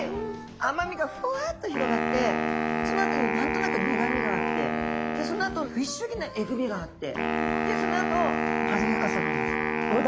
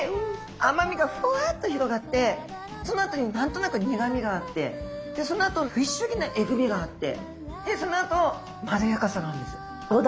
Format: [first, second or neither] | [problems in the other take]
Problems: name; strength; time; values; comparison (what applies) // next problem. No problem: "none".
second | background sound (Wind instrument, woodwind instrument); 2 dB above the speech